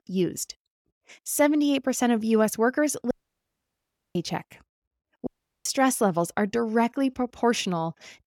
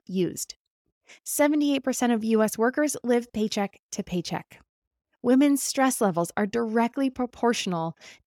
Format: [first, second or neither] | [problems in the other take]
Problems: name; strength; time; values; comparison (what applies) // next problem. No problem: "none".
second | audio cutting out; at 3 s for 1 s and at 5.5 s